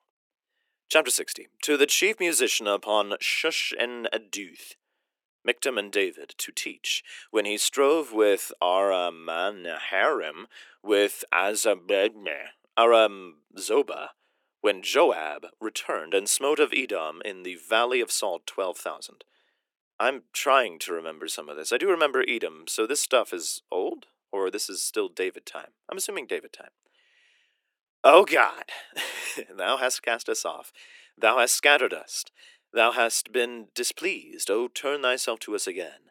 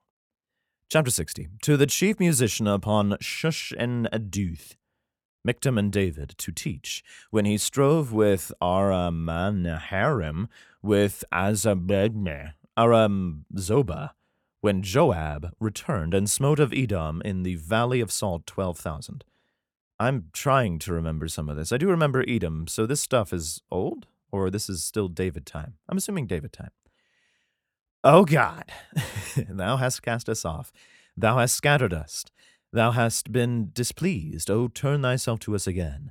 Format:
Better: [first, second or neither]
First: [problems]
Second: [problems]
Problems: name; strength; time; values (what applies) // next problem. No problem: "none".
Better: second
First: thin; very; fading below 300 Hz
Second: none